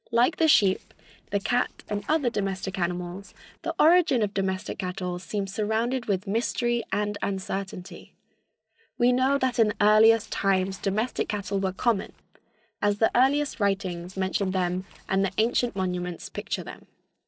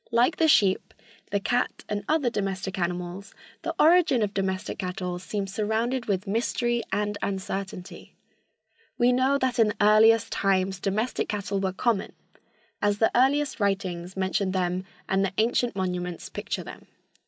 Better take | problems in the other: second | noise reduction (neural separator model SepFormer DNS4)

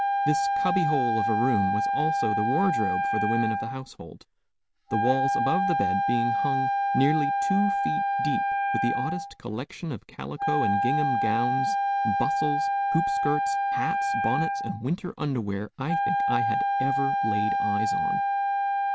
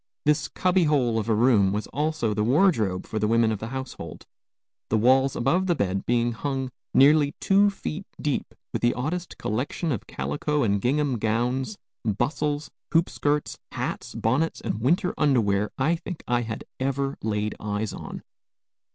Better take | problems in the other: second | background sound (Wind instrument, woodwind instrument); 4 dB above the speech

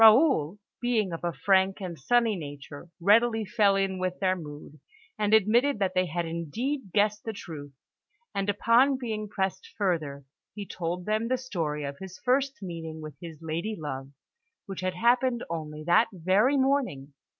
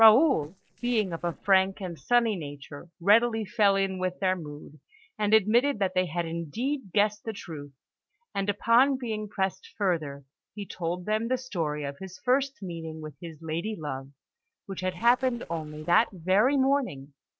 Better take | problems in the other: first | noise reduction (neural separator model SepFormer DNS4)

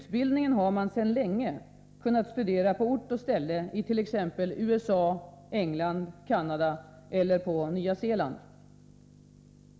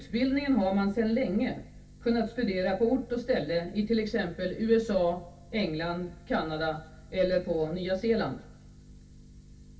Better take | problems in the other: first | room echo; dies away in 0.2 s

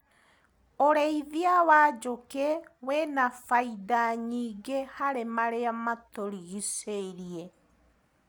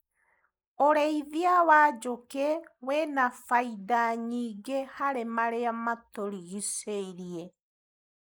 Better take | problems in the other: first | noise reduction (neural mask model Resemble Enhance denoiser)

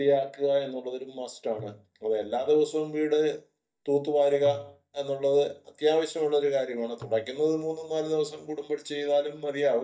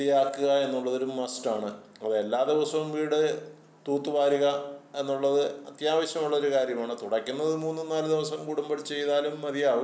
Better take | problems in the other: second | noise reduction (neural mask model DeepFilterNet 3)

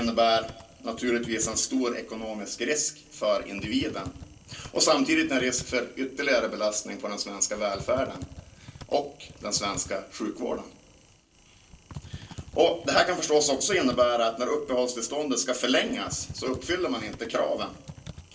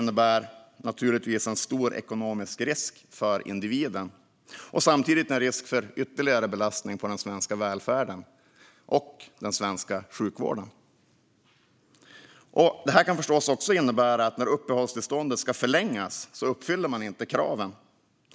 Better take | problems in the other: second | background sound (Typing); 18 dB below the speech // room echo; dies away in 0.3 s

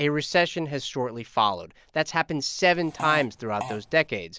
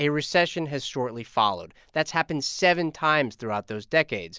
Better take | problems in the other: second | background sound (Fart); 13 dB below the speech

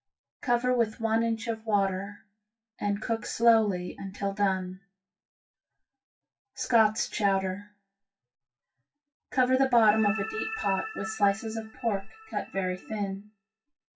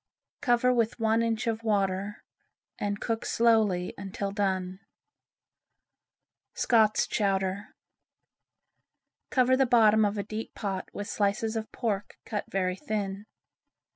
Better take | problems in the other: second | noise reduction (classical method WPE with log-MMSE)

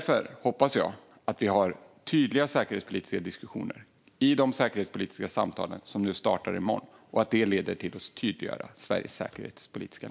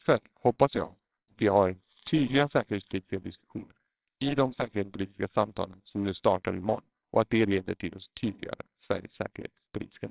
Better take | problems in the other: first | noise reduction (neural separator model SepFormer WHAMR!)

